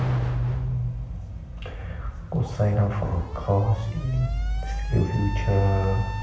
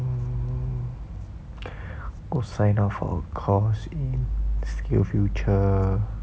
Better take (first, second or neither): second